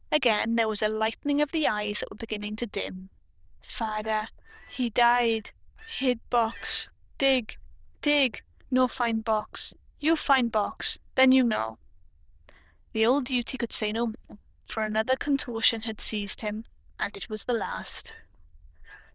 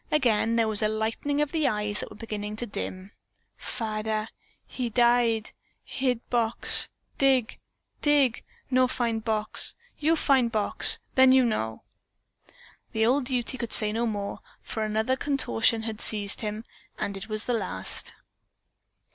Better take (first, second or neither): second